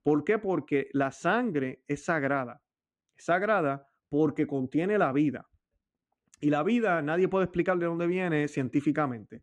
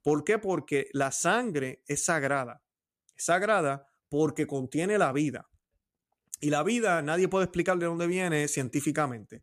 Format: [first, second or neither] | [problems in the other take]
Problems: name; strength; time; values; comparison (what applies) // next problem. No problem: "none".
second | muffled; very; fading above 2.5 kHz